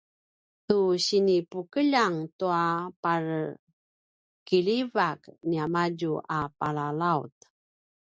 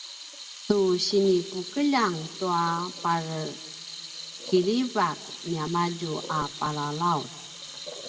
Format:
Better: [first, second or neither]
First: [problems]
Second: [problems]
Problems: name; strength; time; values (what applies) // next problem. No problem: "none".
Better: first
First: none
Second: background sound (Sink (filling or washing) / Water tap, faucet); 13 dB below the speech // room echo; dies away in 1.6 s